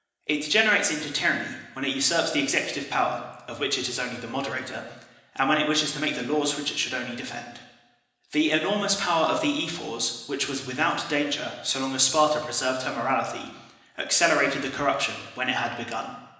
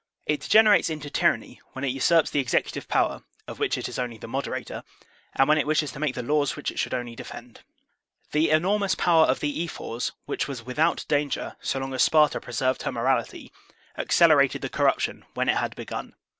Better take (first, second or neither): second